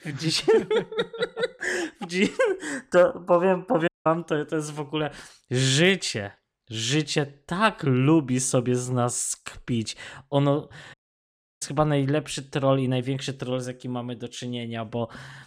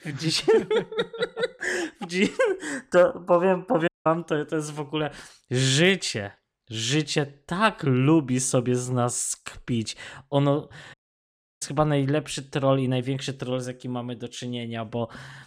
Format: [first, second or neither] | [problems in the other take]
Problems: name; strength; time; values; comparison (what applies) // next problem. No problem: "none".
neither | audio cutting out; at 4 s and at 11 s for 0.5 s; the same in both